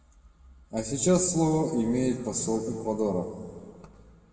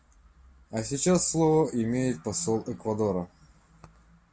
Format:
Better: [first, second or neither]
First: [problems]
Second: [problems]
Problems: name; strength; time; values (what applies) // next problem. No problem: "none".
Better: second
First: room echo; dies away in 1.6 s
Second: none